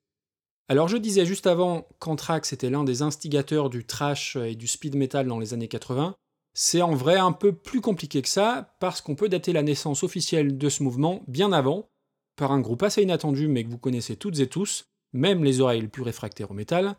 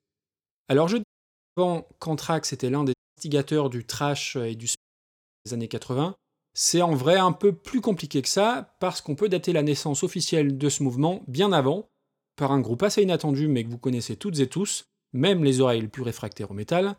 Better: first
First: none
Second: audio cutting out; at 1 s for 0.5 s, at 3 s and at 5 s for 0.5 s

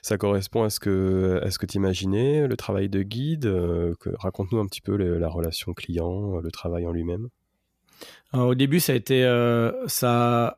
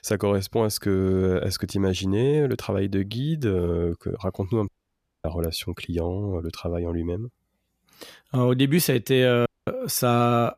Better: first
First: none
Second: audio cutting out; at 4.5 s for 0.5 s and at 9.5 s

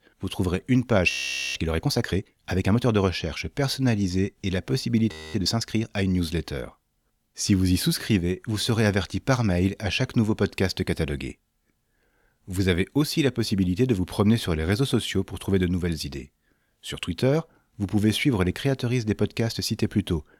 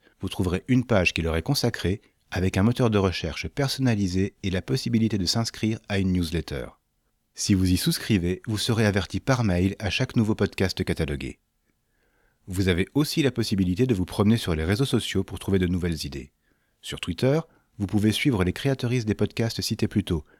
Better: second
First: audio freezing; at 1 s and at 5 s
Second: none

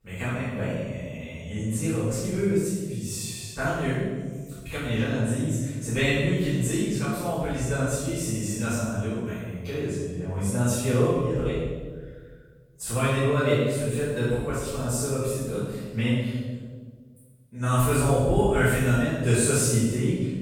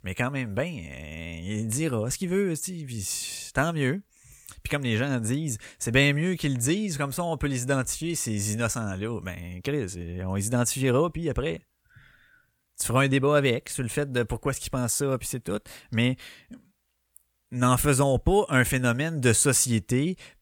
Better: second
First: off-mic speech; far // room echo; strong; dies away in 1.4 s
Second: none

